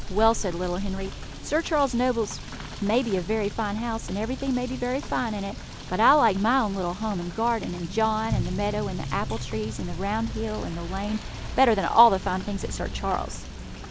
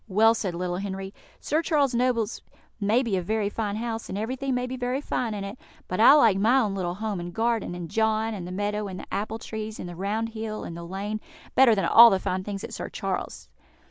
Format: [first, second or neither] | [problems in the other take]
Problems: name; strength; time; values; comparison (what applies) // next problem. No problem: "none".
second | background sound (Motor vehicle (road) / Rain); 8 dB below the speech